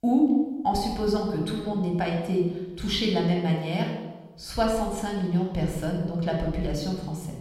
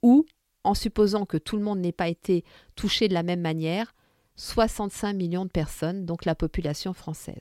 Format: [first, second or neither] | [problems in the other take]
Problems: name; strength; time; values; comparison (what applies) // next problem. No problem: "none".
second | room echo; noticeable; dies away in 1 s // off-mic speech; somewhat distant